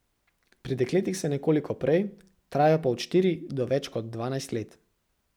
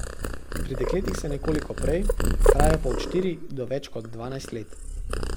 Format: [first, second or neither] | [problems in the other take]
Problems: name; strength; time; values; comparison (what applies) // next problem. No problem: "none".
first | background sound (Purr); 4 dB above the speech